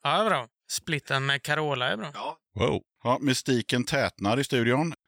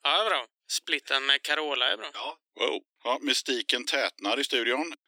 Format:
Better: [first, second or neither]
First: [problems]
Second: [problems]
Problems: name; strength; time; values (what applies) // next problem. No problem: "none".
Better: first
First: none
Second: thin; somewhat; fading below 300 Hz